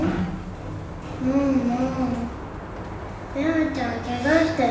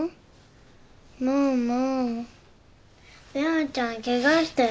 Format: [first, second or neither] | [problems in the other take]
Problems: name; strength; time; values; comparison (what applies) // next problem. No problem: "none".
second | background sound (Sliding door); 7 dB below the speech // room echo; dies away in 0.9 s